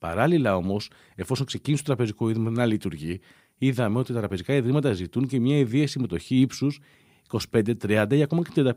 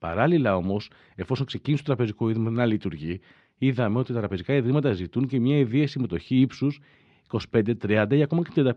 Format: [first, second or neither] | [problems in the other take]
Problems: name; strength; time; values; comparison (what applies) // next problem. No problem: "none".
first | muffled; very slightly; fading above 4 kHz